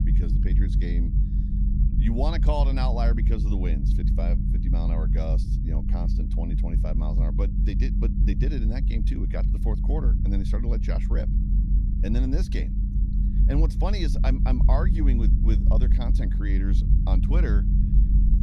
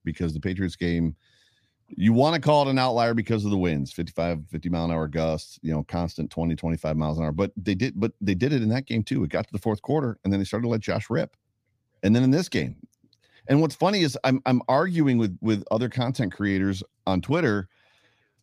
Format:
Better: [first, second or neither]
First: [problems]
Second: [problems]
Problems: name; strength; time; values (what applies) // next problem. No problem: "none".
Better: second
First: low rumble; loud; throughout; 5 dB below the speech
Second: none